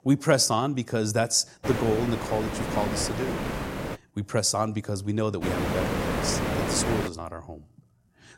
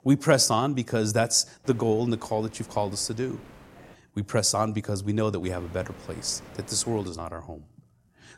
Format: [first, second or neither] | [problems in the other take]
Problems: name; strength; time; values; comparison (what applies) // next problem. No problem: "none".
second | hiss; loud; from 1.5 to 4 s and from 5.5 to 7 s; 3 dB below the speech; faint in the second